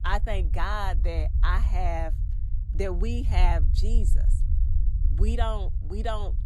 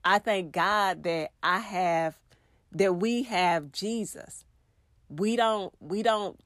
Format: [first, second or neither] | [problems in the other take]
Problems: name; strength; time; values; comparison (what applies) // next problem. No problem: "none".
second | low rumble; noticeable; throughout; 15 dB below the speech